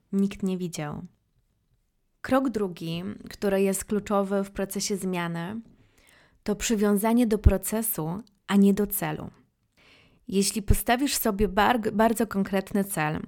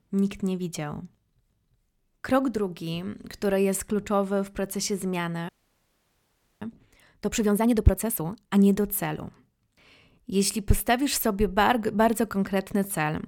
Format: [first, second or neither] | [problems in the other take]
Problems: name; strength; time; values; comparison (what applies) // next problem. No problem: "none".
first | audio freezing; at 5.5 s for 1 s